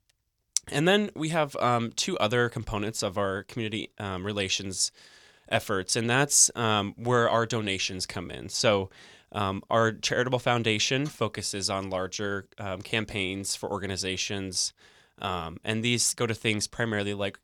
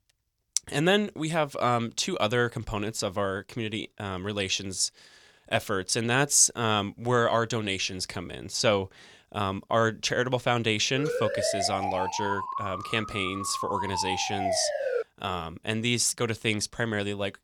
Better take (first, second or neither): first